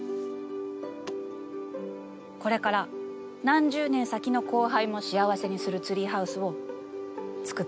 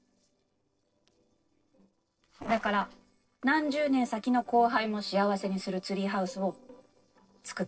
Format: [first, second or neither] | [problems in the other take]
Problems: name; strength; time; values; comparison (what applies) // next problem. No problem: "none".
first | noise reduction (neural separator model SepFormer DNS4)